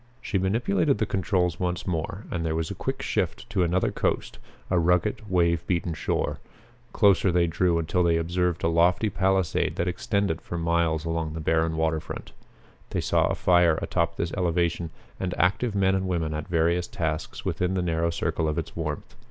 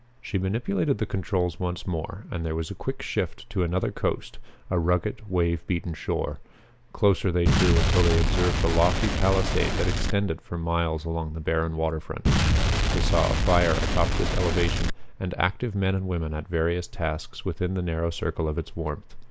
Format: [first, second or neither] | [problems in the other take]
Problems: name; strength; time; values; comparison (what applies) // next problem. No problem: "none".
first | background sound (Explosion); 3 dB above the speech